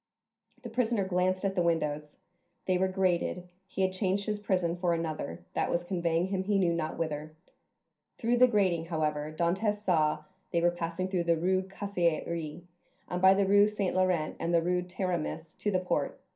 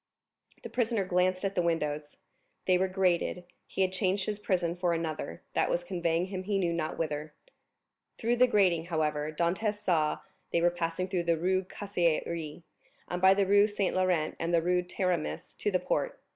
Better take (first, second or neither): second